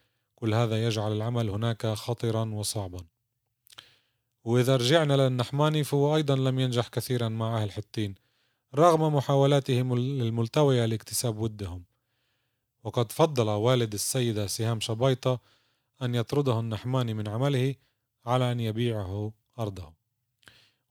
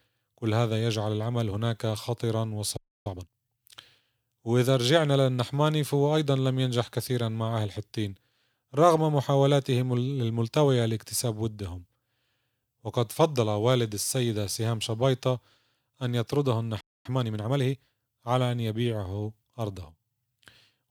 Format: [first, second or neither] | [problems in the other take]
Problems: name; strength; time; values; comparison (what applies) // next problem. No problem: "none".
first | audio freezing; at 3 s and at 17 s